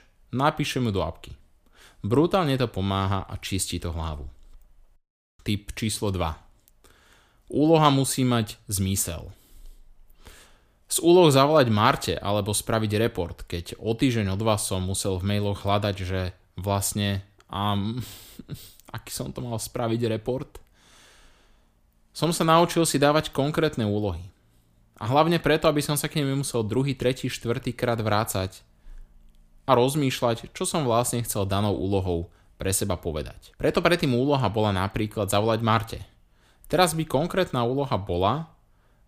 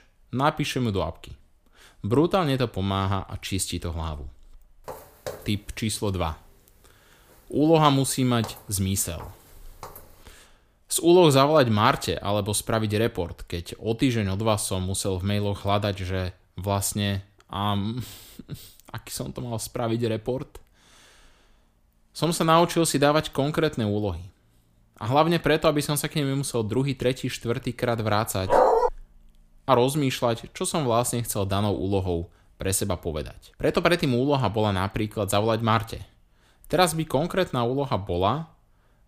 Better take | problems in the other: first | footsteps; faint; from 5 to 10 s; peak 15 dB below the speech // dog barking; loud; at 28 s; peak 6 dB above the speech

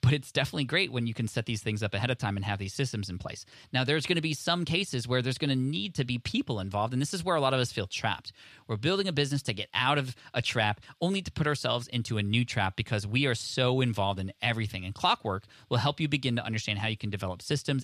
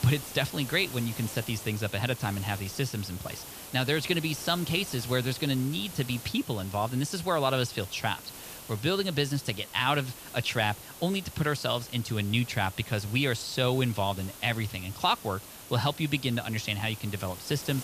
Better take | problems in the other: first | hiss; noticeable; throughout; 15 dB below the speech

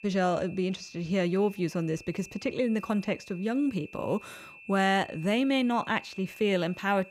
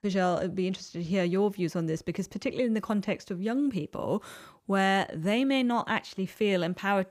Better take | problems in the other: second | high-pitched whine; noticeable; throughout; 2.5 kHz, 20 dB below the speech

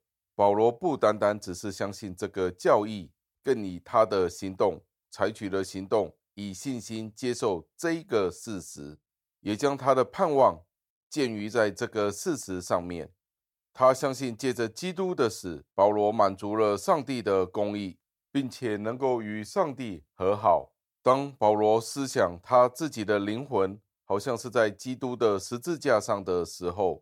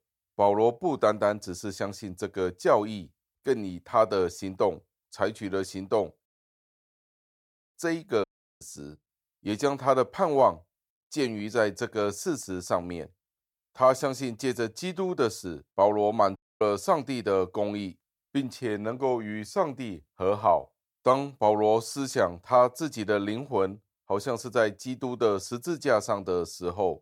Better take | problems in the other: first | audio cutting out; at 6.5 s for 1.5 s, at 8 s and at 16 s

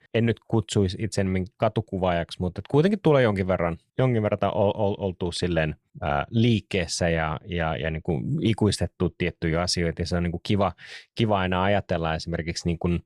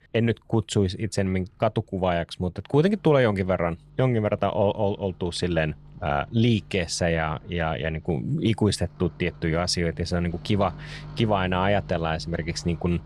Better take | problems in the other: first | household noises; noticeable; throughout; 20 dB below the speech

